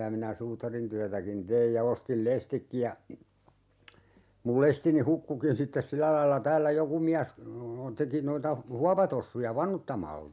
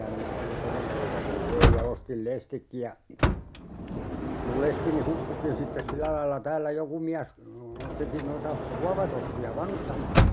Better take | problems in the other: first | background sound (Sliding door / Motor vehicle (road)); 2 dB above the speech

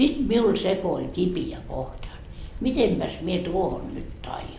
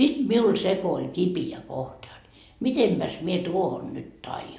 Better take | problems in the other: second | background sound (Bicycle); 12 dB below the speech

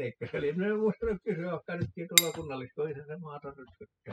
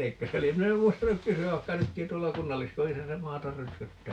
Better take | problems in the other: second | noise reduction (classical method spectral subtraction)

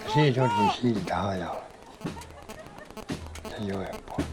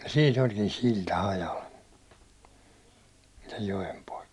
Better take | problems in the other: second | background sound (Crowd); 4 dB below the speech

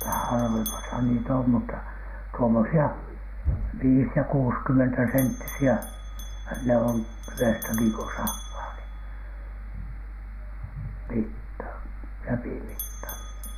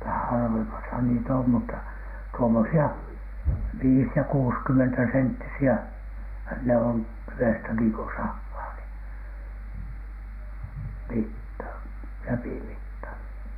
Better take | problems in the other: second | background sound (Bell); 17 dB below the speech

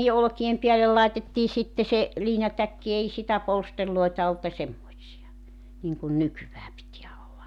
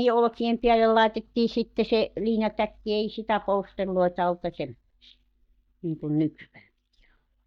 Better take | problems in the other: first | noise reduction (neural mask model DeepFilterNet 3)

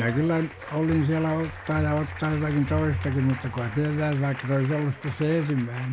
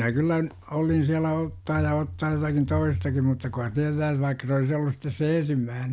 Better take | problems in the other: second | background sound (Applause); 15 dB below the speech

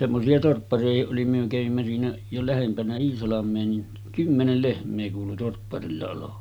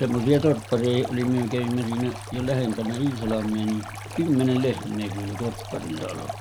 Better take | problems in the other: first | background sound (Stream); 14 dB below the speech

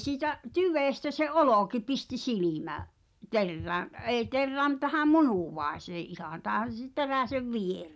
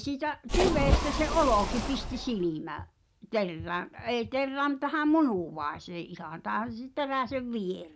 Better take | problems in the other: first | background sound (Splash, splatter); 1 dB above the speech

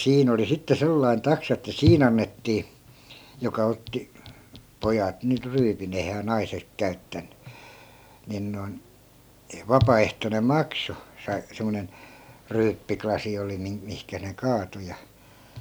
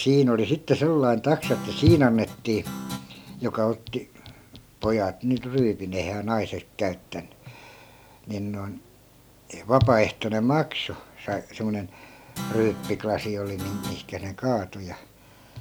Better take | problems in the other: first | background sound (Guitar); 11 dB below the speech

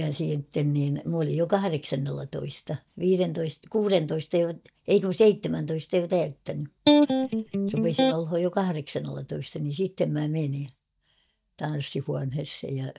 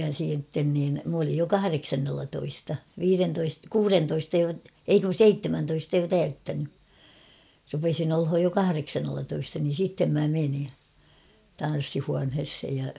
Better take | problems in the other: second | noise reduction (neural mask model DeepFilterNet 3)

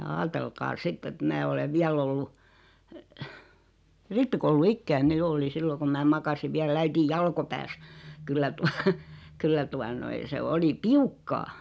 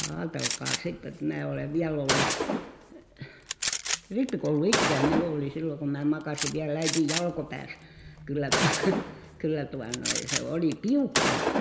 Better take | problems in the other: first | background sound (Gunshot, gunfire); 1 dB below the speech // room echo; dies away in 1.4 s

